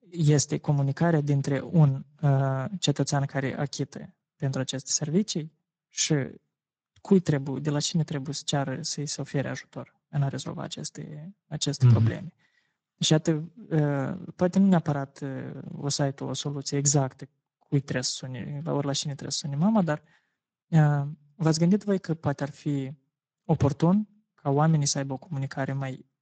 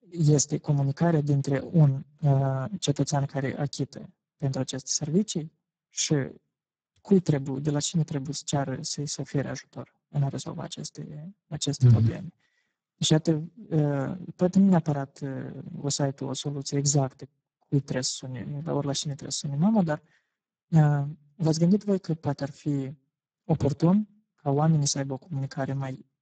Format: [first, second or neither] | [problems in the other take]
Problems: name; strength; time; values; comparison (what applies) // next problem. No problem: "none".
first | garbled, watery; badly; nothing above 7.5 kHz; slightly in the first